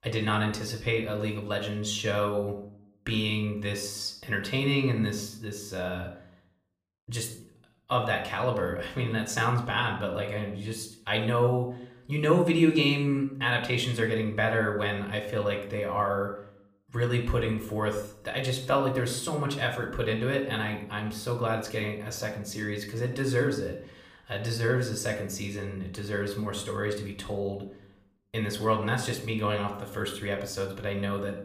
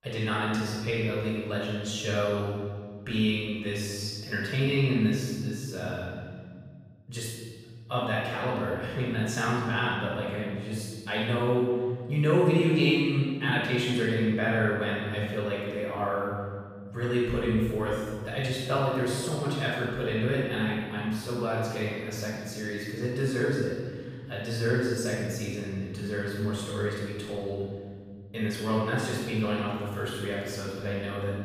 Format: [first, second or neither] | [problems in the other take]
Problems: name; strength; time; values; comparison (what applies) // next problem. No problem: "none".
first | room echo; strong; dies away in 2 s; slight in the first // off-mic speech; far; somewhat distant in the first